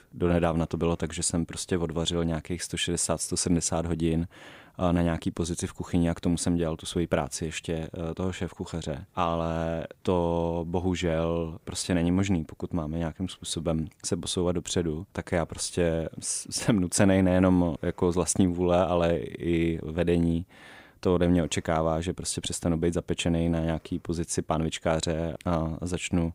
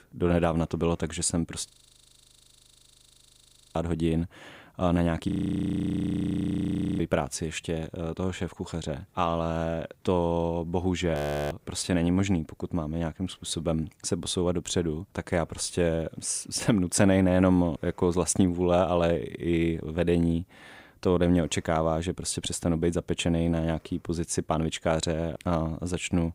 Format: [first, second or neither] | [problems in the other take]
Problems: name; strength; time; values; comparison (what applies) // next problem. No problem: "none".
first | audio freezing; at 1.5 s for 2 s, at 5.5 s for 1.5 s and at 11 s